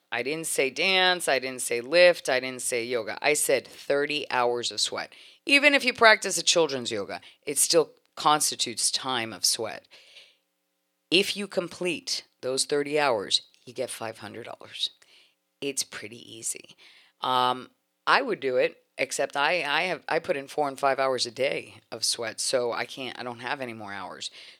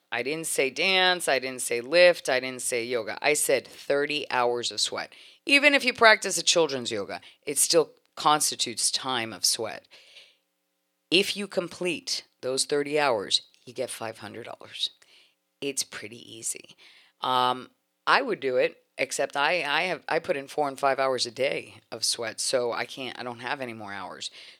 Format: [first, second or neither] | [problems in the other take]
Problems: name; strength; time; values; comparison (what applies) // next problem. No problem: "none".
neither | thin; somewhat; fading below 450 Hz; the same in both